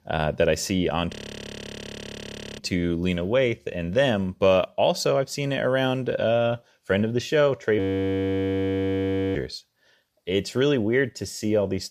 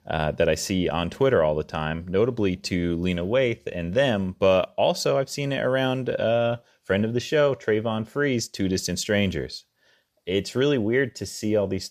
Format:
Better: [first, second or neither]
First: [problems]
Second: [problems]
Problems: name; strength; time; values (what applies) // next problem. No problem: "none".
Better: second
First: audio freezing; at 1 s for 1.5 s and at 8 s for 1.5 s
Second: none